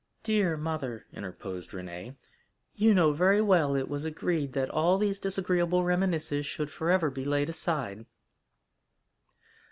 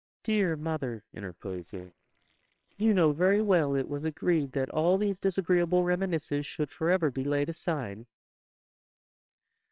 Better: first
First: none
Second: noise reduction (neural separator model SepFormer WHAMR!)

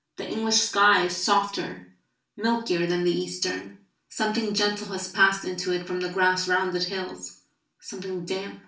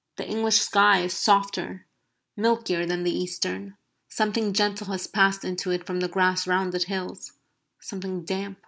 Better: second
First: room echo; dies away in 0.4 s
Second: none

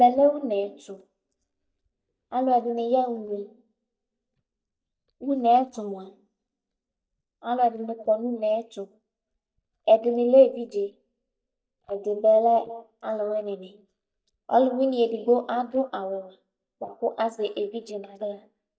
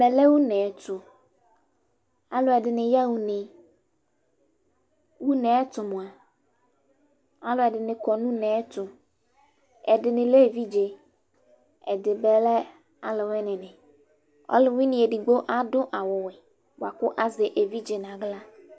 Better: second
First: noise reduction (neural mask model DeepFilterNet 3)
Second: none

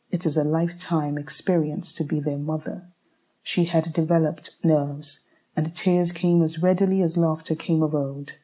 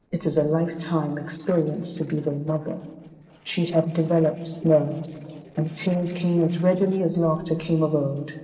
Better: first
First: none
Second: noise reduction (neural separator model SepFormer DNS4)

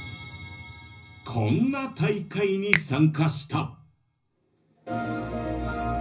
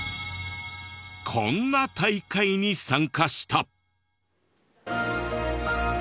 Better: second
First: background sound (Finger snapping); 6 dB below the speech // room echo; dies away in 0.4 s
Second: none

